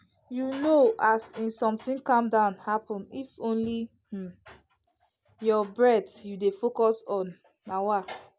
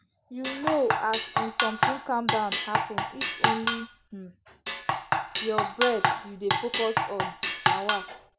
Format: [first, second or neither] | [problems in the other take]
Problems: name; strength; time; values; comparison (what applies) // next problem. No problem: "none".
first | background sound (Drum kit); 3 dB above the speech